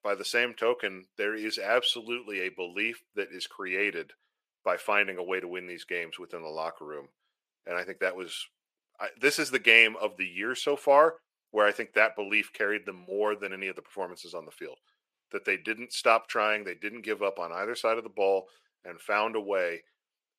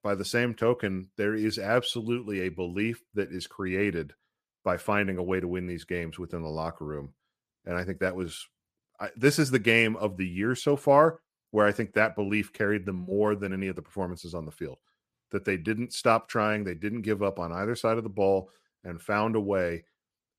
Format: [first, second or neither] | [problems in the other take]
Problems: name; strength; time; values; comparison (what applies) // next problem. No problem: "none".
second | thin; somewhat; fading below 500 Hz